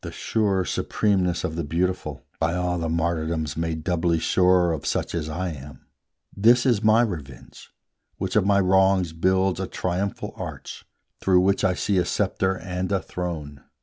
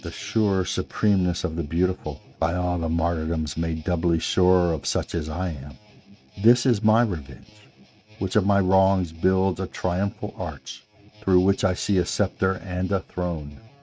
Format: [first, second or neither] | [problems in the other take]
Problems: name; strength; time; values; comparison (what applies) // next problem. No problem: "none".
first | noise reduction (neural mask model RNNoise)